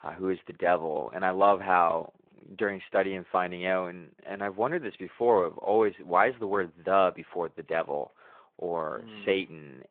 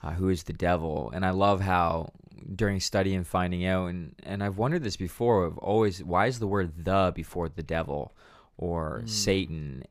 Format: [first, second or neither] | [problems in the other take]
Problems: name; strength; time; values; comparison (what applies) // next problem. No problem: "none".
second | phone-call audio